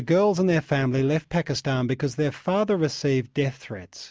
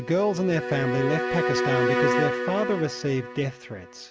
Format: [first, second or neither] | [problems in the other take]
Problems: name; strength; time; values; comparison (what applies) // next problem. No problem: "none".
first | background sound (Bowed string instrument); 1 dB below the speech